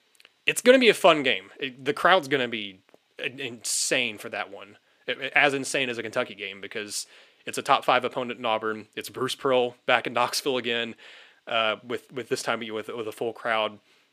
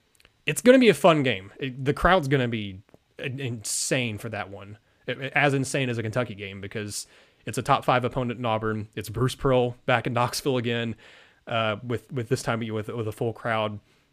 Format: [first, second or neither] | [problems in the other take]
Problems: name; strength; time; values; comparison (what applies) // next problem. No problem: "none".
second | thin; very slightly; fading below 300 Hz